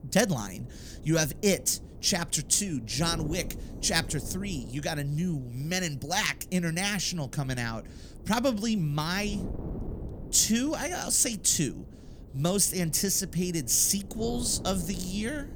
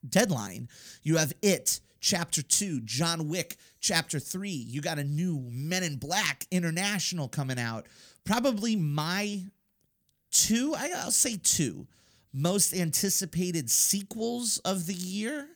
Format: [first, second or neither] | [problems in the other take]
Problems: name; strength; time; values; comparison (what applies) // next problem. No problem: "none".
second | wind noise on the microphone; occasional gusts; 20 dB below the speech